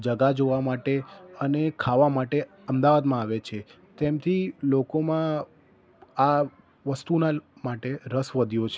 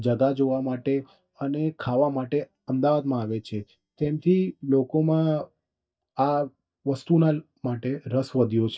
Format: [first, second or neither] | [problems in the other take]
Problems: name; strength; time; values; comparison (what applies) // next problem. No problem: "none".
first | noise reduction (neural mask model DeepFilterNet 3)